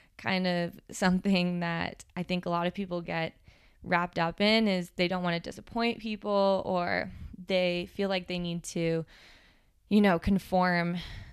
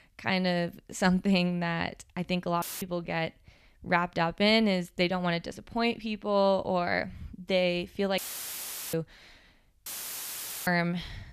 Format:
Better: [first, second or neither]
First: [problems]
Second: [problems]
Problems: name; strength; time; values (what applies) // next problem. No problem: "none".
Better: first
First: none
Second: audio cutting out; filled with static; at 2.5 s, at 8 s for 1 s and at 10 s for 1 s